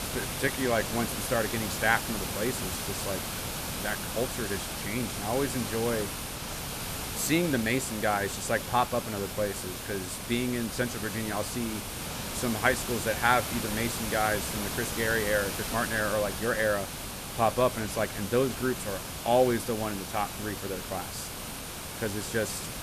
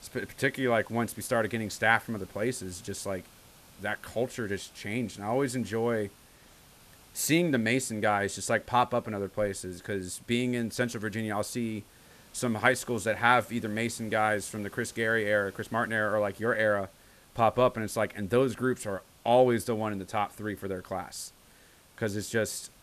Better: second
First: hiss; loud; throughout; 4 dB below the speech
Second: hiss; faint; throughout; 25 dB below the speech

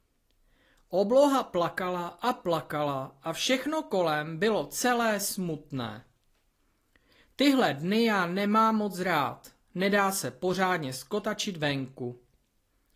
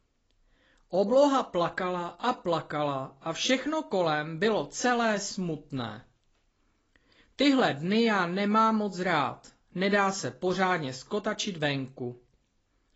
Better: first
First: garbled, watery; slightly; nothing above 15 kHz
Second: garbled, watery; badly; nothing above 7.5 kHz

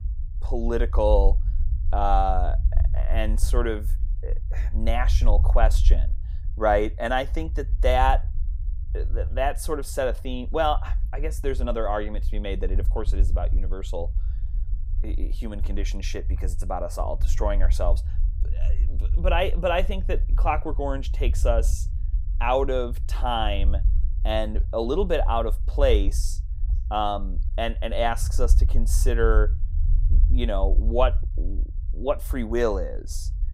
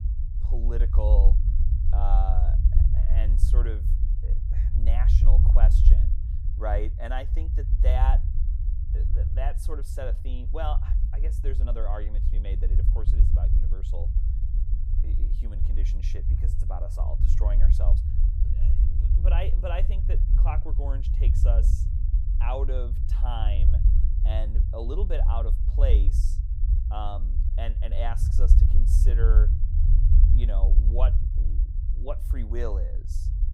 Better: first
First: low rumble; faint; throughout; 20 dB below the speech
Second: low rumble; loud; throughout; 7 dB below the speech

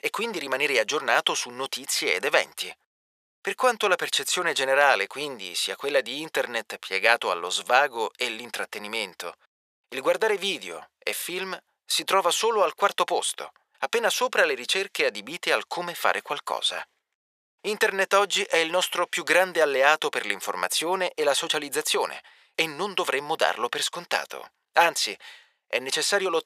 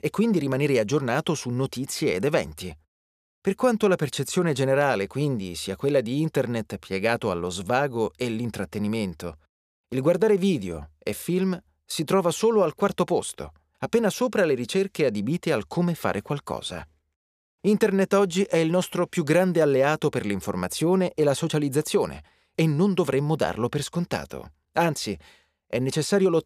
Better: second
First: thin; very; fading below 800 Hz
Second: none

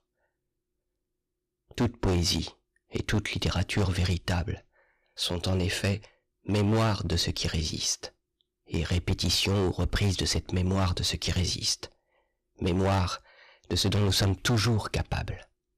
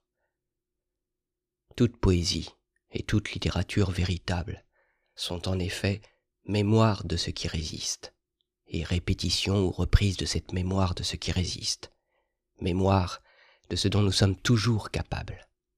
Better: second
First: distortion; heavy; 11% of the sound clipped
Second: none

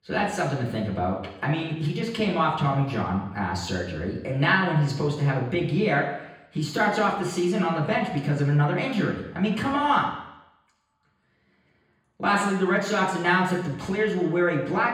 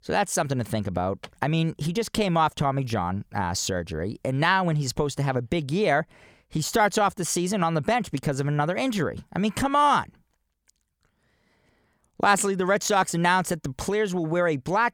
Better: second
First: room echo; noticeable; dies away in 0.9 s // off-mic speech; far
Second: none

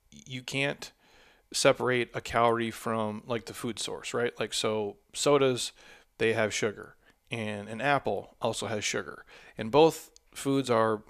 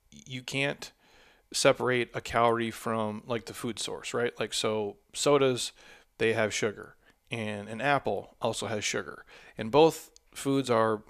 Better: neither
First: none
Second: none

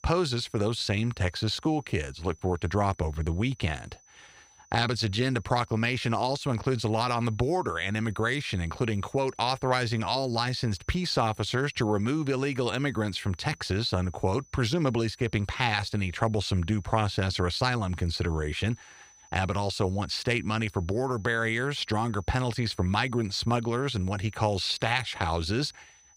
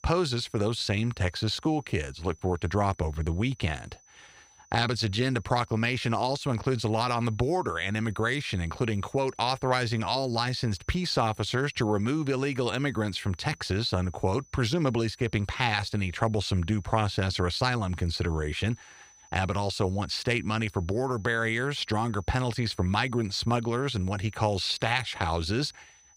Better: neither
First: high-pitched whine; faint; throughout; 6 kHz, 25 dB below the speech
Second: high-pitched whine; faint; throughout; 6 kHz, 25 dB below the speech

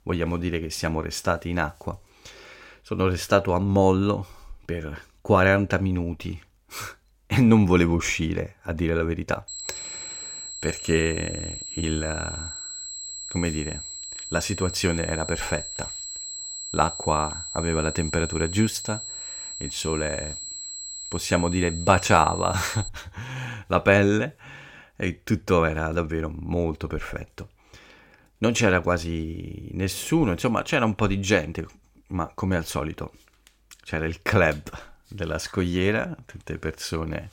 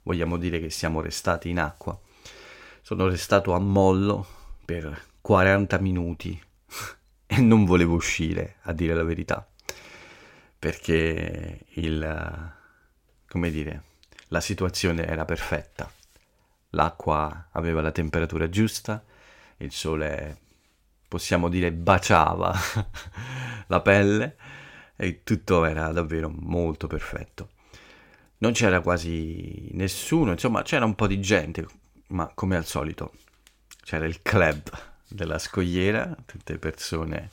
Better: second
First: high-pitched whine; loud; from 9.5 to 23 s; 7.5 kHz, 8 dB below the speech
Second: none

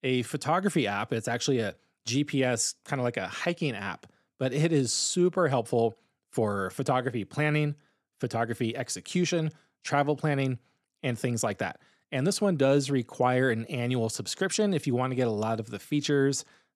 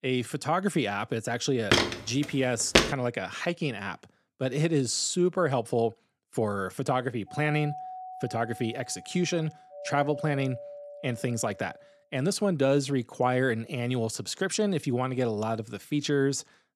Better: first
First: none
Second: footsteps; loud; from 1.5 to 3 s; peak 6 dB above the speech // doorbell; noticeable; from 7.5 to 12 s; peak 9 dB below the speech

